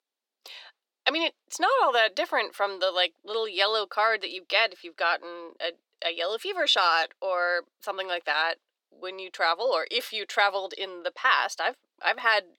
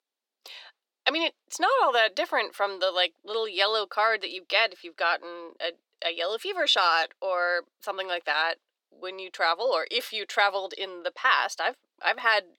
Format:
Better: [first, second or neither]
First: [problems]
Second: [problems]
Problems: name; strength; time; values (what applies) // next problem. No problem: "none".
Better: neither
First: thin; very; fading below 400 Hz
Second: thin; very; fading below 400 Hz